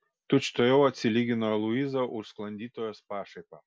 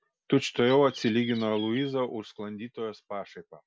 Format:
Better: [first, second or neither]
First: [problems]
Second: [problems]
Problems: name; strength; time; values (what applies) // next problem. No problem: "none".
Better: first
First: none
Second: background sound (Bird); 17 dB below the speech